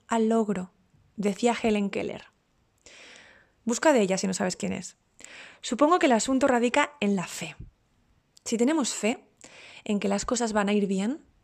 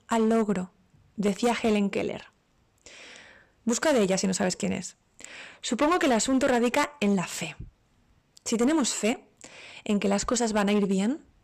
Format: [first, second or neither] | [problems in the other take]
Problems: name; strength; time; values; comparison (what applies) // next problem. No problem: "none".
first | distortion; slight; 6% of the sound clipped